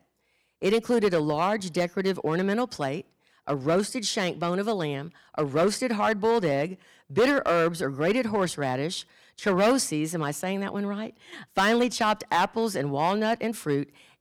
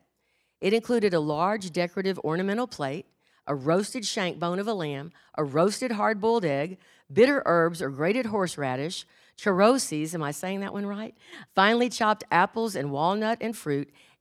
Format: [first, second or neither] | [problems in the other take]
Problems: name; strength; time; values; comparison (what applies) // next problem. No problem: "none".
second | distortion; slight; 4% of the sound clipped